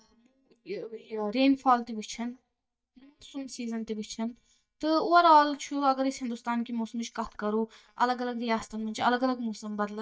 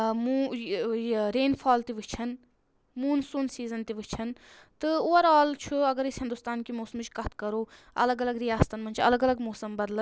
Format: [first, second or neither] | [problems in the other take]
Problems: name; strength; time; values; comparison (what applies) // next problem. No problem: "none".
second | noise reduction (neural mask model DeepFilterNet 3)